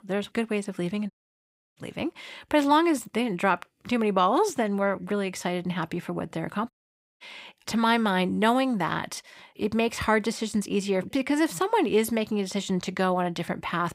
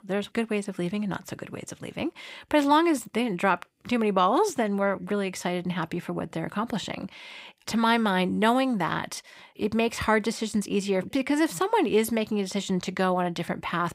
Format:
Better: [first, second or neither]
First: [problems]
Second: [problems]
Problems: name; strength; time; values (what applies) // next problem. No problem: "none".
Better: second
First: audio cutting out; at 1 s for 0.5 s and at 6.5 s for 0.5 s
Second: none